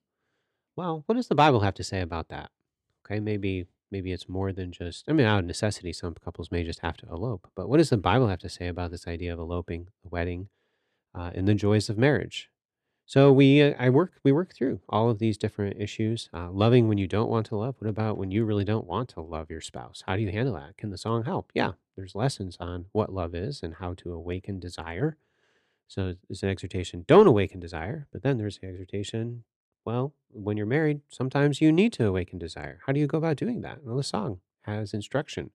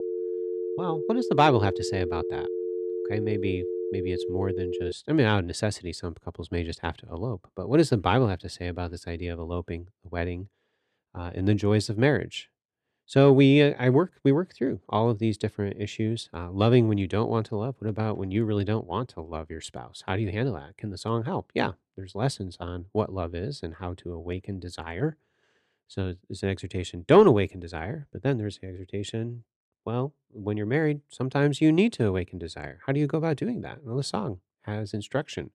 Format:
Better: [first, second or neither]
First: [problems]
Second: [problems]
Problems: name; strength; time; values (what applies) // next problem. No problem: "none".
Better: first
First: none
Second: phone ringing; noticeable; until 5 s; peak 4 dB below the speech